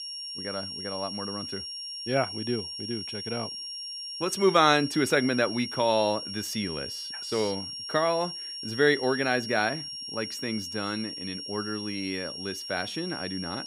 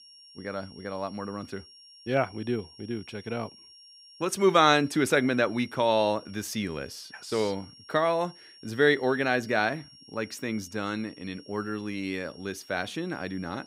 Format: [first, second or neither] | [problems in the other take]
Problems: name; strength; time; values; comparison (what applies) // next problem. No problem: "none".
second | high-pitched whine; loud; throughout; 5.5 kHz, 6 dB below the speech; faint in the second